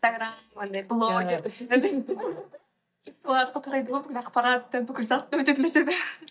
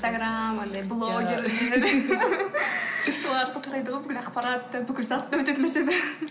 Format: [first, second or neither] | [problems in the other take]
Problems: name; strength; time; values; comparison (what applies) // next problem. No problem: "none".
second | noise reduction (neural mask model DeepFilterNet 3)